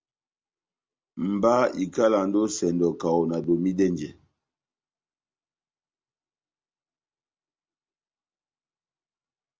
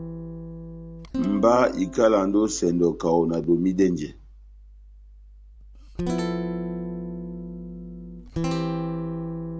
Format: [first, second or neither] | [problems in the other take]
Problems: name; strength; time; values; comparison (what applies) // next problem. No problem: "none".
first | background sound (Guitar); 6 dB below the speech